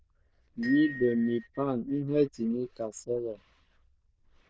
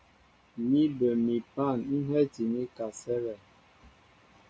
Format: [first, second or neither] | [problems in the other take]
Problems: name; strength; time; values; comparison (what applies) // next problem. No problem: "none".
second | noise reduction (neural diffusion model UNIVERSE++)